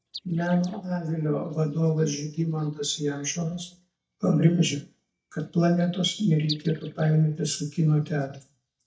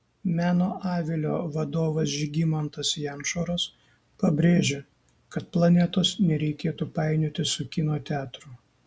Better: second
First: noise reduction (neural mask model DeepFilterNet 3)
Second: none

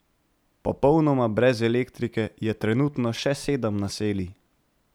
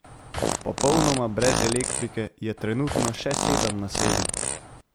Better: first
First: none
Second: background sound (Fart); as loud as the speech

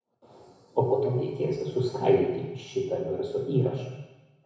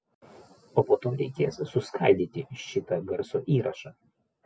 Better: second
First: room echo; dies away in 1 s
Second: none

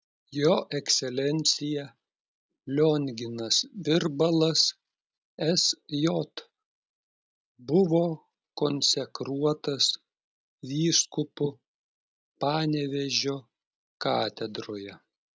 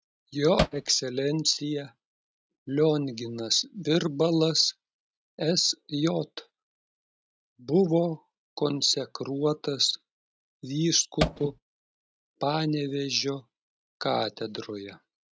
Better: first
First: none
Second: noise reduction (neural mask model RNNoise)

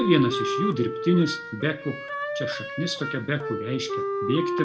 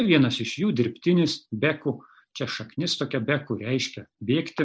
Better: second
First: background sound (Wind instrument, woodwind instrument); 3 dB below the speech // room echo; dies away in 0.6 s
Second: none

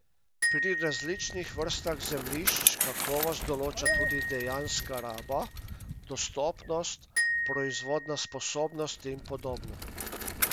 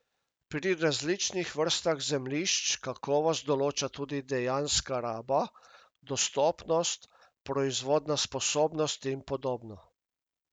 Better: second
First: background sound (Glockenspiel + Bicycle); 1 dB above the speech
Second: none

